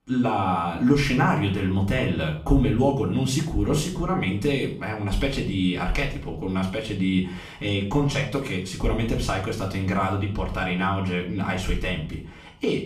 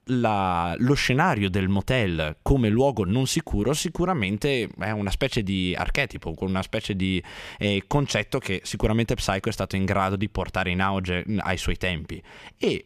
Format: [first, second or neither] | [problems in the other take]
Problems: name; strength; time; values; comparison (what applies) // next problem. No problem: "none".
second | off-mic speech; far // room echo; slight; dies away in 0.5 s